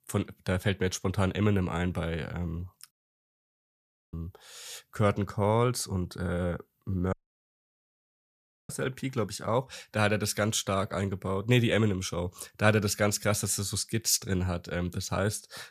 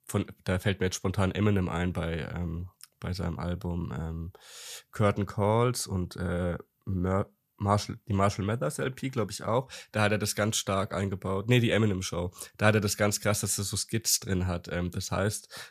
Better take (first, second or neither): second